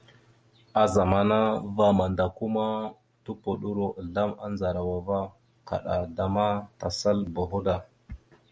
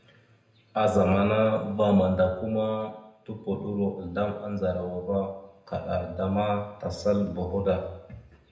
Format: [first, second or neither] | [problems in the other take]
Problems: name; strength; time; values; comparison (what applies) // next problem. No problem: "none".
first | room echo; dies away in 0.8 s